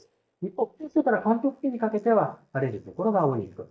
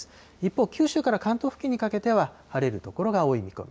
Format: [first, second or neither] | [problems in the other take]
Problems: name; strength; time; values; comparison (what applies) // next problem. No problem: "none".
second | noise reduction (neural mask model DeepFilterNet 3)